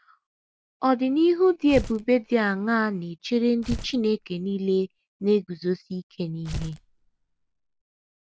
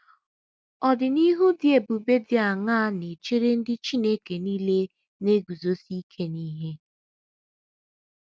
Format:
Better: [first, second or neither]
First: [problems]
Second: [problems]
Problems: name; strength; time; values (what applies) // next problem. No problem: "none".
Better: second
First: background sound (Tearing); 14 dB below the speech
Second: none